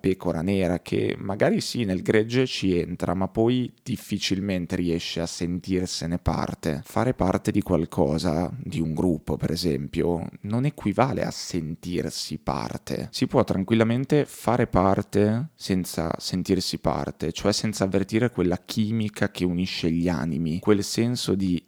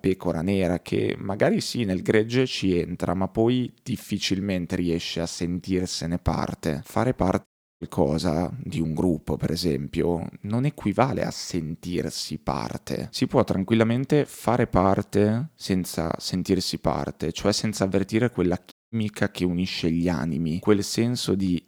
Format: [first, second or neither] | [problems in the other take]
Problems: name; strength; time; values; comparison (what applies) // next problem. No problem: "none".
first | audio cutting out; at 7.5 s and at 19 s